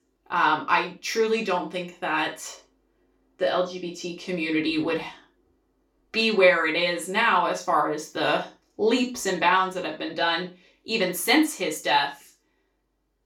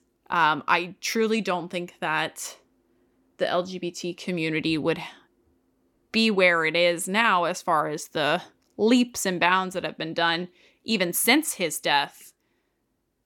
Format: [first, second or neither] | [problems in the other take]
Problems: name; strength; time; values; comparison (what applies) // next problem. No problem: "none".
second | room echo; slight; dies away in 0.3 s // off-mic speech; far